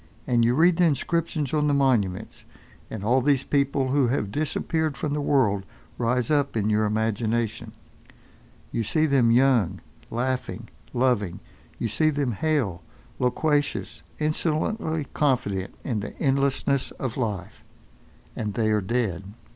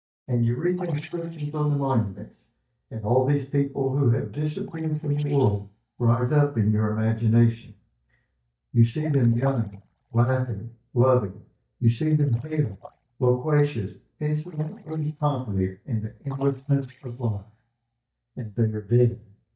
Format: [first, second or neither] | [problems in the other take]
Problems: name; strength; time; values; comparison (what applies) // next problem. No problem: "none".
first | noise reduction (neural mask model DeepFilterNet 3)